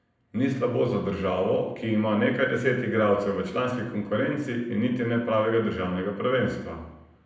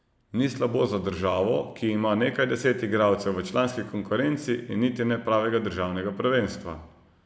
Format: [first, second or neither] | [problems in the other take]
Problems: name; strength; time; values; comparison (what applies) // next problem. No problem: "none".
second | room echo; dies away in 0.7 s